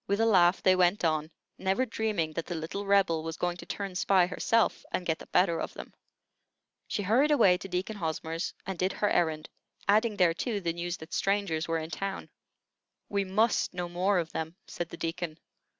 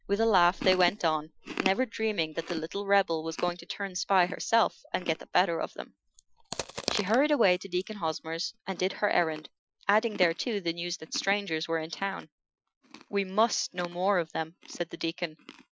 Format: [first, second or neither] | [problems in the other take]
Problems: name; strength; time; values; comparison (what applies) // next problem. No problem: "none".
first | noise reduction (classical method Wiener filter)